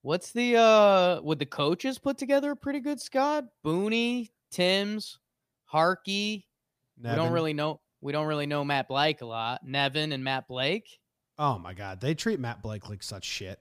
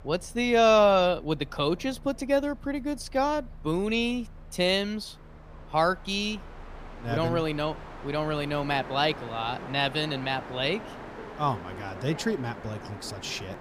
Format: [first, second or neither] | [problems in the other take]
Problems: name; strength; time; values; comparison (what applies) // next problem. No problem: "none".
first | train or aircraft noise; noticeable; throughout; 15 dB below the speech